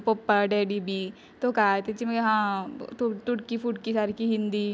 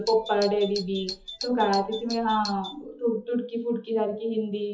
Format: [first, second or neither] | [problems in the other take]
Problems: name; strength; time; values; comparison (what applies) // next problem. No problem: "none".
first | noise reduction (classical method WPE with log-MMSE)